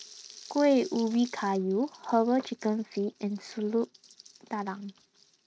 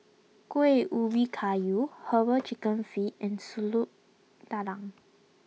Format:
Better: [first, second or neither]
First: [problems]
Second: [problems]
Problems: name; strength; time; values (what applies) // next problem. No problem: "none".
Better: second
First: noise reduction (neural mask model RNNoise)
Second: none